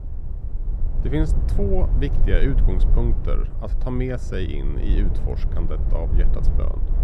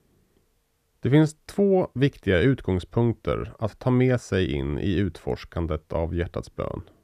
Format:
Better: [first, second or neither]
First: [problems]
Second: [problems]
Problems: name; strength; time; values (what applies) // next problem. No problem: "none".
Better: second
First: low rumble; loud; throughout; 9 dB below the speech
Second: none